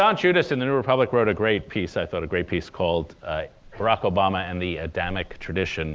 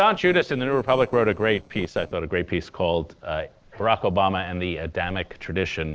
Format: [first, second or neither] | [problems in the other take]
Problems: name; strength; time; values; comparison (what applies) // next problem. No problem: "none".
first | noise reduction (neural separator model SepFormer DNS4)